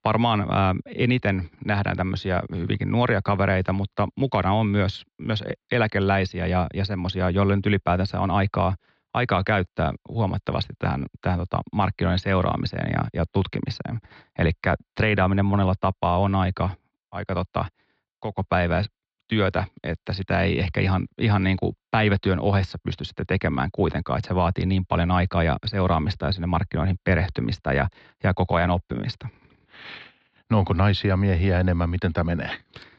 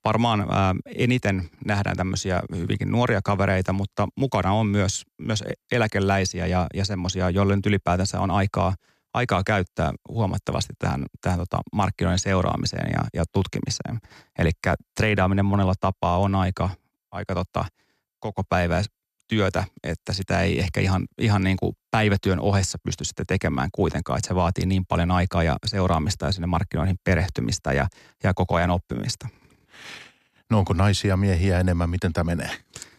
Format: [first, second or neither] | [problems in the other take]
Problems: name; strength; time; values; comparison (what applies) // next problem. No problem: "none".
second | muffled; slightly; fading above 4 kHz